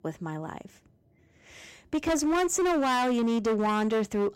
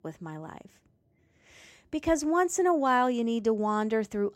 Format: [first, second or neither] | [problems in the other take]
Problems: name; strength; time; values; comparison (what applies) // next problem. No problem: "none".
second | distortion; heavy; 18% of the sound clipped